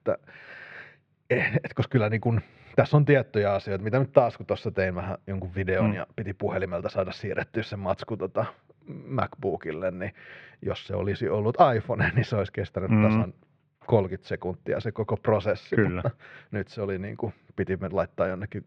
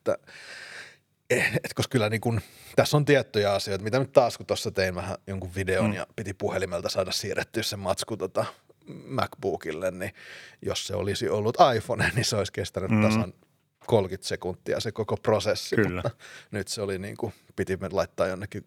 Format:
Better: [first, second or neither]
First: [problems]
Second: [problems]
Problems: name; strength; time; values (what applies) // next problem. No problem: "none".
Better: second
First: muffled; very; fading above 2.5 kHz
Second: none